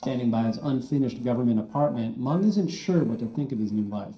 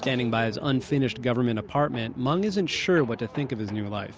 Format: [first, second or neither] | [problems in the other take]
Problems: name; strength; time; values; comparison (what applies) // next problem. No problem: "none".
second | noise reduction (neural separator model SepFormer DNS4)